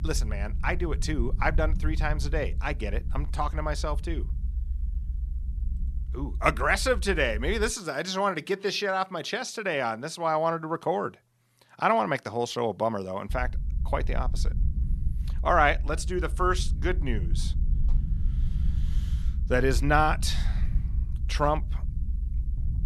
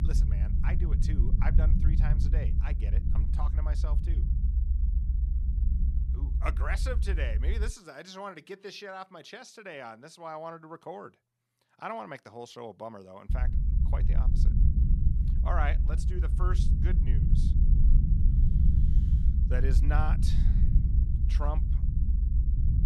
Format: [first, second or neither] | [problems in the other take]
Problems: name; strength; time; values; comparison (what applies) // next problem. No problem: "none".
first | low rumble; loud; until 7.5 s and from 13 s on; 5 dB below the speech; faint in the first